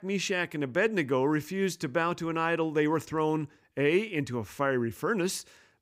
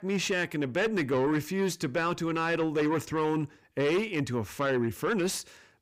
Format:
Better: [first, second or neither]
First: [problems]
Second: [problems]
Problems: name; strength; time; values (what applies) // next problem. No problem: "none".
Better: first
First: none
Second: distortion; slight; 10 dB below the speech